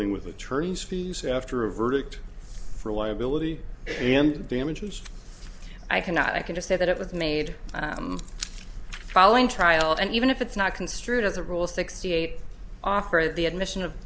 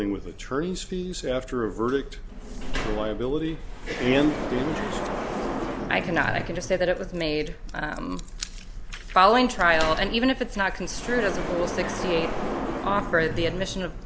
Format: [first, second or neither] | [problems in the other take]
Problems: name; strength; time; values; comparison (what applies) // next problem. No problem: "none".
first | background sound (Sliding door); 7 dB below the speech